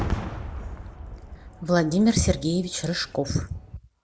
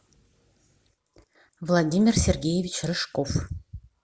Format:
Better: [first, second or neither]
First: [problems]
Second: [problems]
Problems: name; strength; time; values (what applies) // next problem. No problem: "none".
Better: second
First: background sound (Fireworks); 9 dB below the speech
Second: none